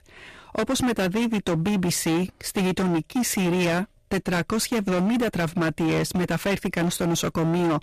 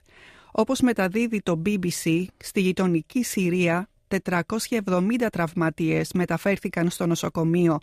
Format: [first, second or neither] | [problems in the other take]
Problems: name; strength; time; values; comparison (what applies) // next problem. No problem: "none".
second | distortion; heavy; 26% of the sound clipped